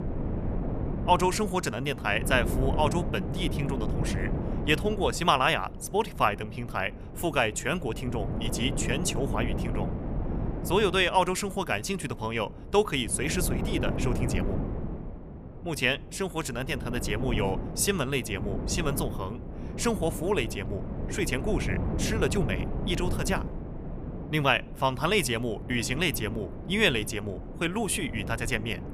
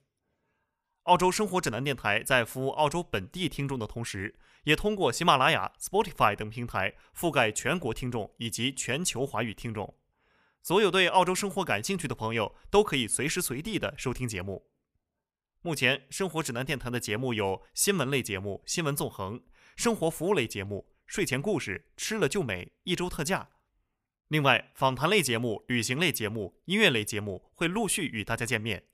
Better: second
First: wind noise on the microphone; occasional gusts; 10 dB below the speech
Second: none

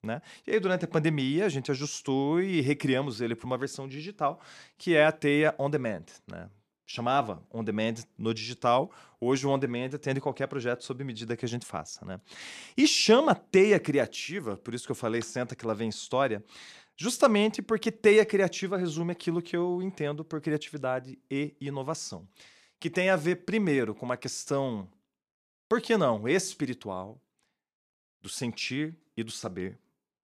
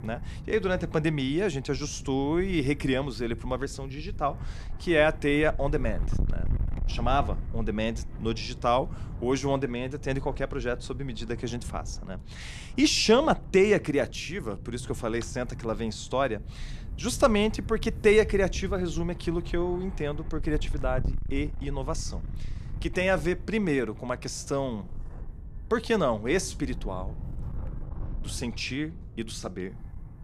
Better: first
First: none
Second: wind noise on the microphone; occasional gusts; 20 dB below the speech

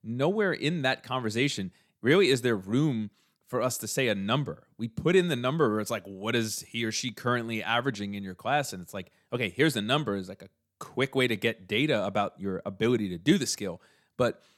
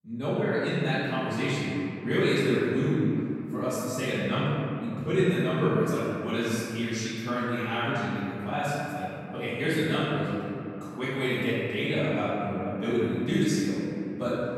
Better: first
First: none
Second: room echo; strong; dies away in 2.8 s // off-mic speech; far

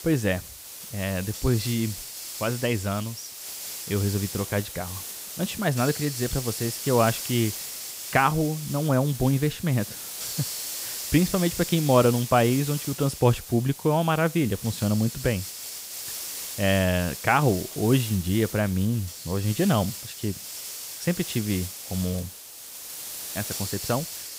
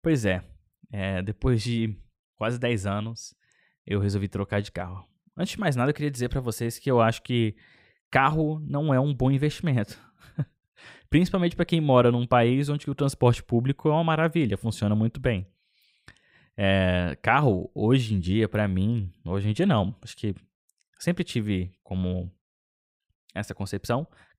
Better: second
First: hiss; loud; throughout; 8 dB below the speech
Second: none

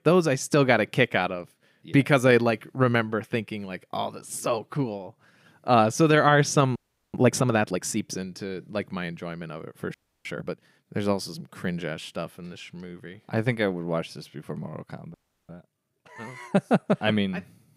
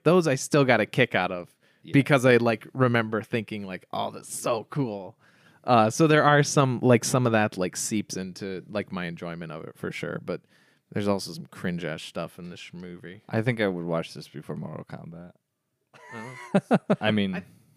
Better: second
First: audio freezing; at 7 s, at 10 s and at 15 s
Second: none

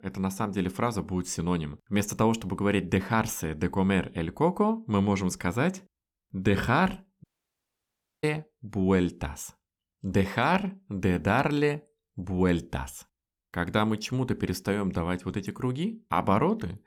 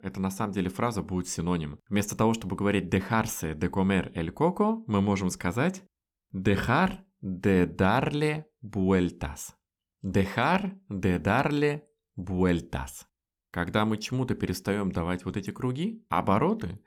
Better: second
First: audio cutting out; at 7 s for 1 s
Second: none

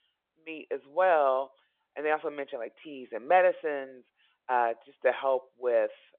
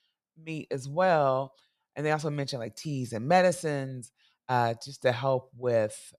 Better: second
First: phone-call audio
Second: none

